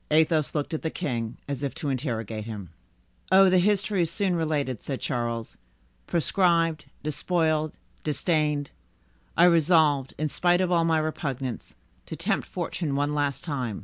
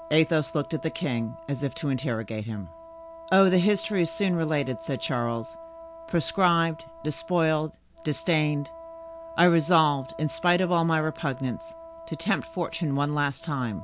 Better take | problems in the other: first | background sound (Wind instrument, woodwind instrument); 17 dB below the speech

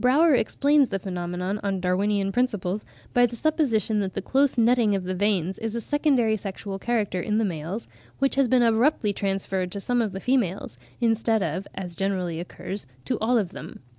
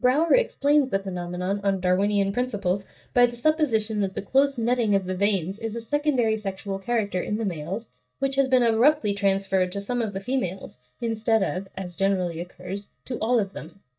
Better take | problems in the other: first | noise reduction (neural mask model DeepFilterNet 3)

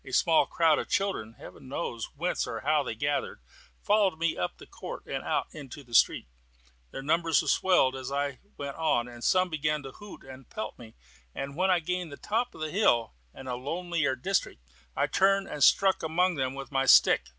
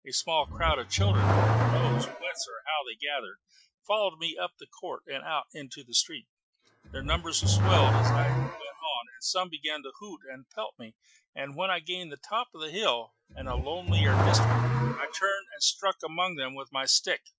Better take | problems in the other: first | noise reduction (classical method Wiener filter)

